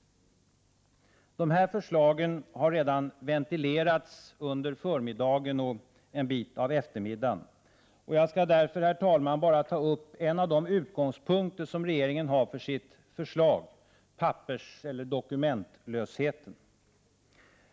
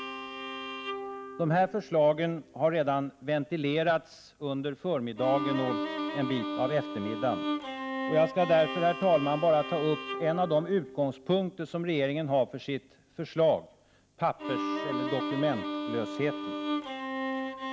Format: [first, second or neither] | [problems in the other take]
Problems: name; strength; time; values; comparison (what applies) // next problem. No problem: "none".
first | background sound (Bowed string instrument); 7 dB below the speech